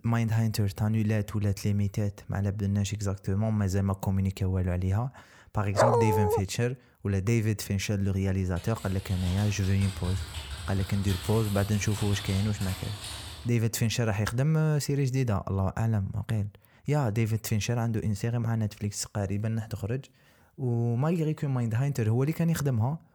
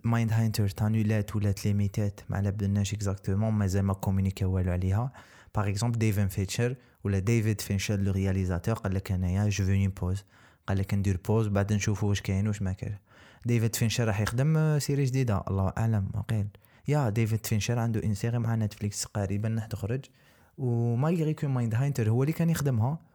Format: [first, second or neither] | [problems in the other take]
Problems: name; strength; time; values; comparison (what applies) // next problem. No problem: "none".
second | dog barking; loud; at 6 s; peak 5 dB above the speech // keyboard typing; noticeable; from 8.5 to 13 s; peak 8 dB below the speech